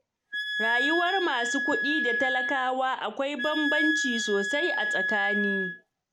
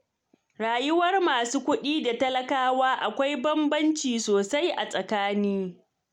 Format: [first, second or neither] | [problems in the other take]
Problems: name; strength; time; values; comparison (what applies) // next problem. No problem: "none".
second | background sound (Wind instrument, woodwind instrument); as loud as the speech